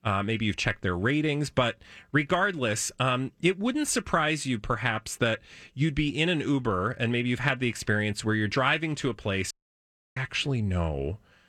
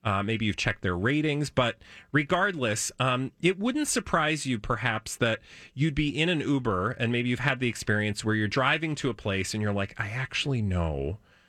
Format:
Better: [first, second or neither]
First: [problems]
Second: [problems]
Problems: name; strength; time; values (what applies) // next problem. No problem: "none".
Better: second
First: audio cutting out; at 9.5 s for 0.5 s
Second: none